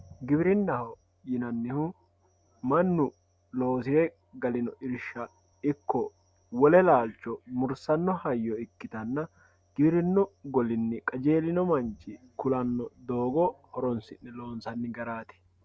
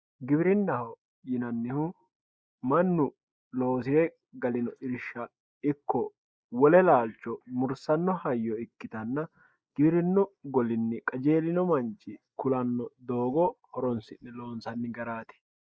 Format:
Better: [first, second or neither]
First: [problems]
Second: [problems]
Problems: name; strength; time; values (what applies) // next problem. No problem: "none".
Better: first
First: none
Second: noise reduction (neural mask model Resemble Enhance denoiser)